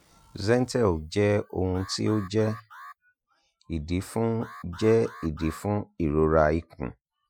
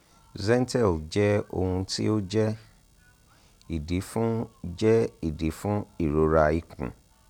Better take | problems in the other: second | noise reduction (classical method Wiener filter)

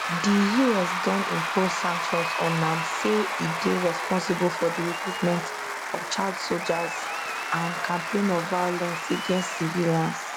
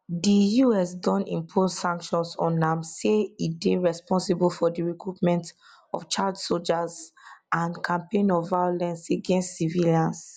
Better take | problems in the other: second | background sound (Applause / Crowd / Cheering); 3 dB below the speech

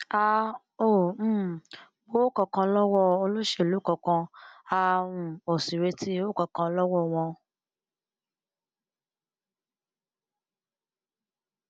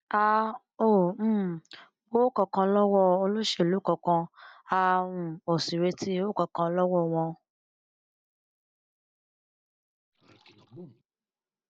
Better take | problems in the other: first | noise reduction (neural mask model DeepFilterNet 3)

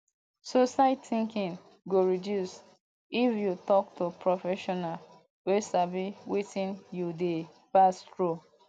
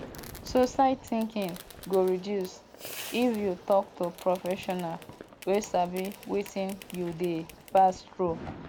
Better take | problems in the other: first | background sound (Fireworks); 16 dB below the speech

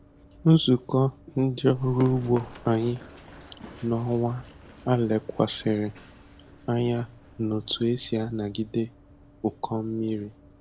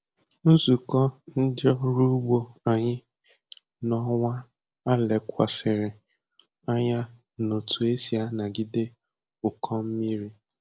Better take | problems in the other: second | background sound (Run); 19 dB below the speech

